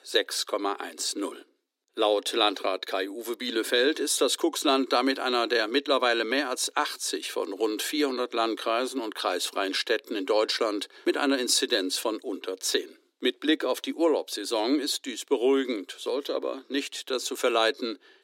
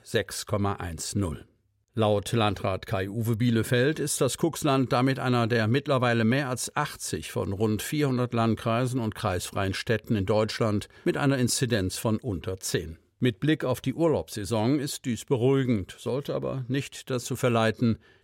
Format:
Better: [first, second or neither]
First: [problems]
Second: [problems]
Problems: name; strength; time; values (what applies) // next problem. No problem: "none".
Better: second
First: thin; somewhat; fading below 250 Hz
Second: none